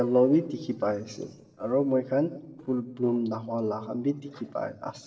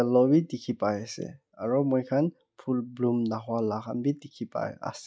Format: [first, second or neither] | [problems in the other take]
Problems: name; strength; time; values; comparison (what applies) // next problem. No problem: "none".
second | noise reduction (neural separator model SepFormer DNS4)